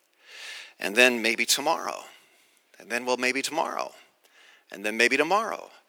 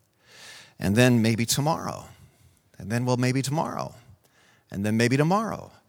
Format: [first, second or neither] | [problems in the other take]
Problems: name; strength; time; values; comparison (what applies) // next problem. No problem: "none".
second | thin; somewhat; fading below 300 Hz